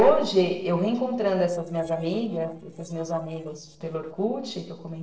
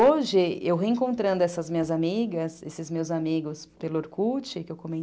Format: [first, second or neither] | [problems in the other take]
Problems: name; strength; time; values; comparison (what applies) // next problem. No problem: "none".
second | noise reduction (neural separator model SepFormer DNS4)